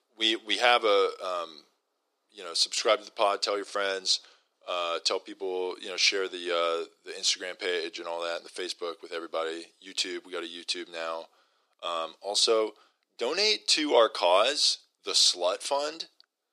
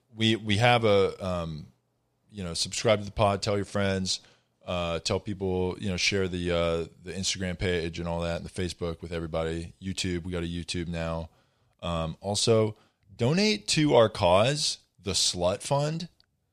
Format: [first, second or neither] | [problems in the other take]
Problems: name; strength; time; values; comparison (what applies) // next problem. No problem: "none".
second | thin; very; fading below 300 Hz